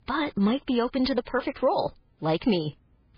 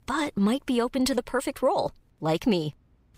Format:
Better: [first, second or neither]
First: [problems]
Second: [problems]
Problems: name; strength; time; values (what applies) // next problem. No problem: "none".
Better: second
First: garbled, watery; badly; nothing above 4.5 kHz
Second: none